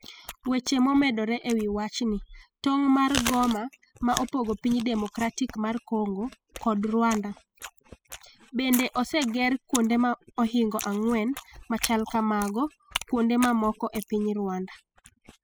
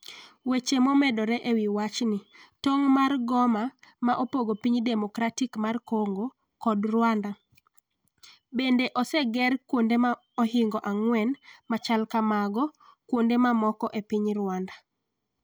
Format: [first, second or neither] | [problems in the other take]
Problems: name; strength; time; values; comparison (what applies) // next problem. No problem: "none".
second | noise reduction (classical method spectral subtraction)